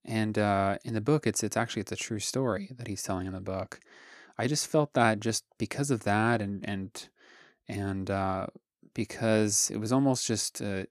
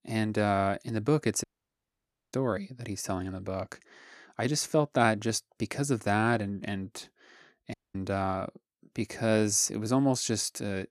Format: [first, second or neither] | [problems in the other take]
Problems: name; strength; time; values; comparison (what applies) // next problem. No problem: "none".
first | audio cutting out; at 1.5 s for 1 s and at 7.5 s